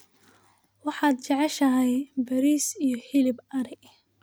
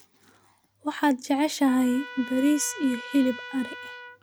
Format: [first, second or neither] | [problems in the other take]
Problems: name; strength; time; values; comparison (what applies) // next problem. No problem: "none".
first | background sound (Trumpet); 15 dB below the speech